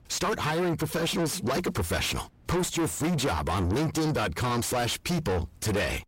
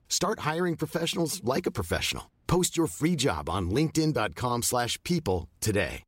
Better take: second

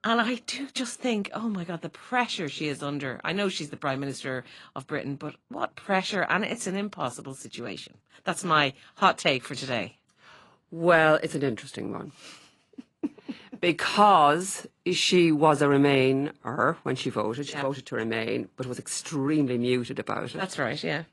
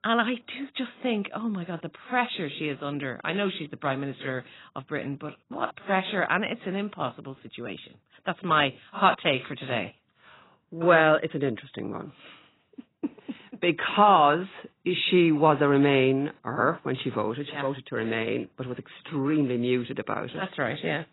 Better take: first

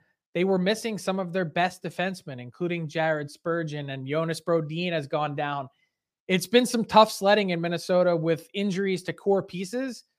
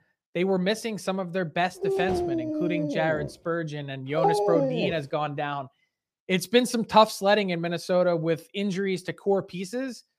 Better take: first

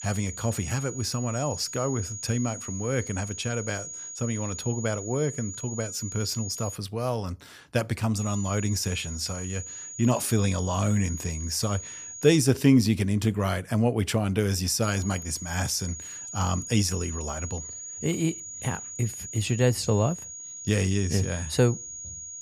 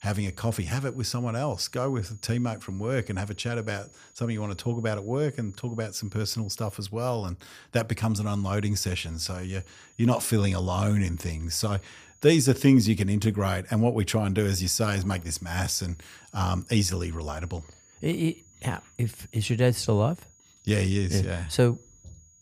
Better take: second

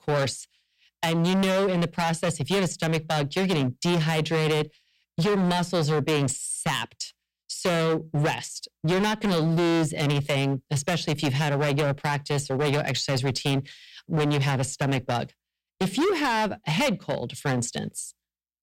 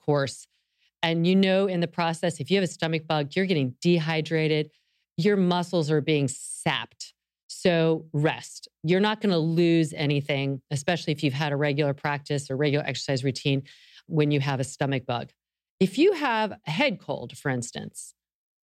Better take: second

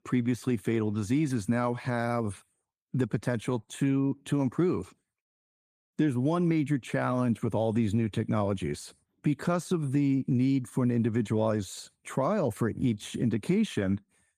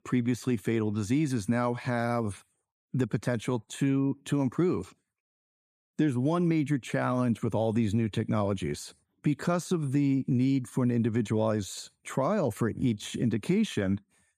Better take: second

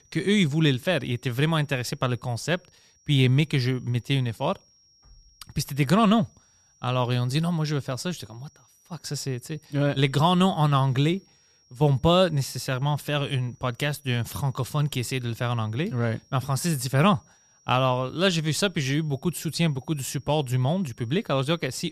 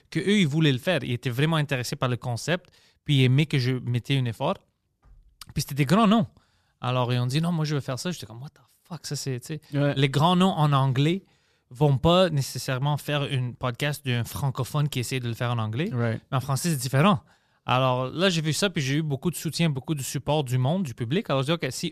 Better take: second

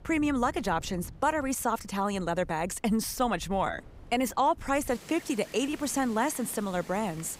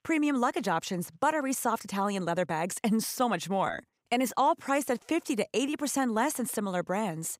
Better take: second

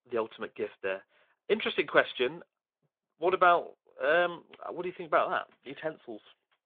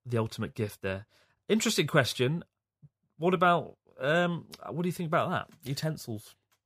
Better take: second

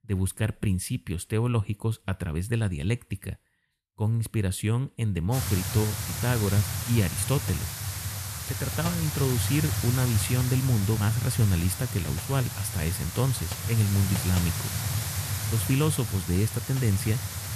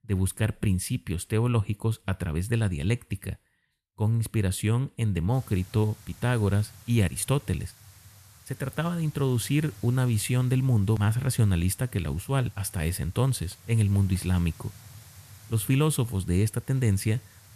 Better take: second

